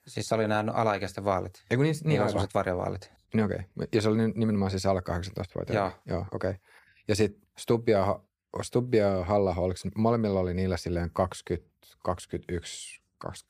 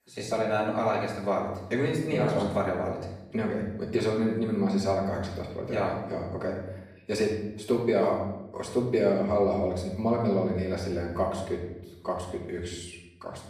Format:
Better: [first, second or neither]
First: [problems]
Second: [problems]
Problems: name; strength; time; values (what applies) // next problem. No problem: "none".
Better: first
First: none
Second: off-mic speech; far // room echo; noticeable; dies away in 0.8 s